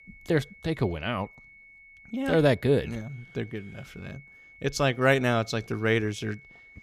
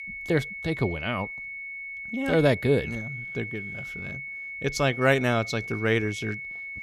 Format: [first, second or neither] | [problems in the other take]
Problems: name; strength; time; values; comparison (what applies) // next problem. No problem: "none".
first | high-pitched whine; loud; throughout; 2 kHz, 8 dB below the speech; faint in the first